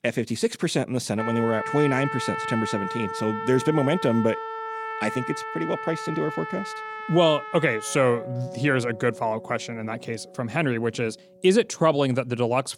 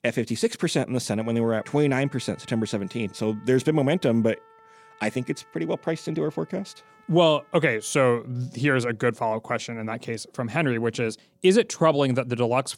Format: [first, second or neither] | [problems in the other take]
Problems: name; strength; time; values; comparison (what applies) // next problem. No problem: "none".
second | background music; loud; throughout; 7 dB below the speech; faint in the second